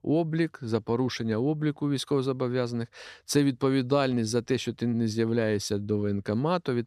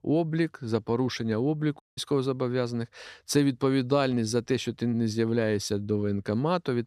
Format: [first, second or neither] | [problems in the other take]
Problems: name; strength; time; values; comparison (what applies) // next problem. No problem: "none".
first | audio cutting out; at 2 s